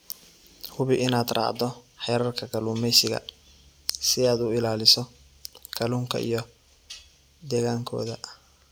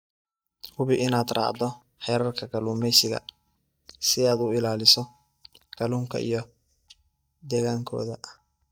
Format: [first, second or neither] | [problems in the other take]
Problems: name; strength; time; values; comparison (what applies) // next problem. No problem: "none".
first | noise reduction (neural mask model DeepFilterNet 3)